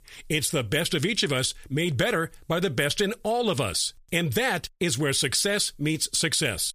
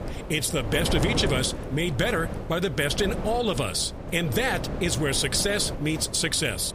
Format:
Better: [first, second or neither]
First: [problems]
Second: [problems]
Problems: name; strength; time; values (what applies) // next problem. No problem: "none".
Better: first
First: none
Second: wind noise on the microphone; heavy; 10 dB below the speech